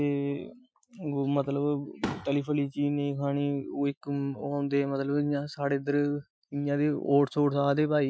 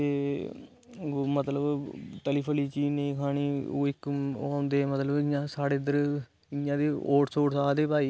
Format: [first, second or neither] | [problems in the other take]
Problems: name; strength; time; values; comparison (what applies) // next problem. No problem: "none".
second | noise reduction (classical method Wiener filter)